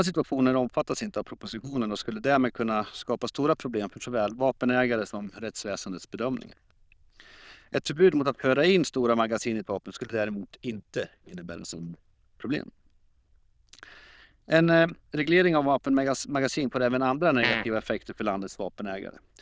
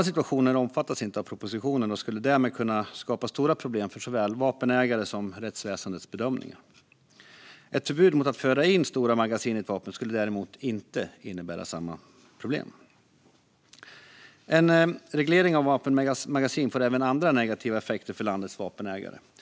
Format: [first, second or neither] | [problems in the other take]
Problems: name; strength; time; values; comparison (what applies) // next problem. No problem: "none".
second | noise reduction (neural diffusion model UNIVERSE++)